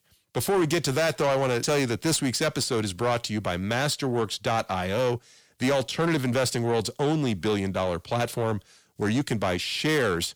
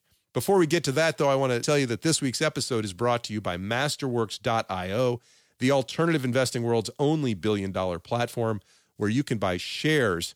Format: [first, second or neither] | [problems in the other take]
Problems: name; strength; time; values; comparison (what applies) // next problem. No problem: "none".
second | distortion; slight; 10 dB below the speech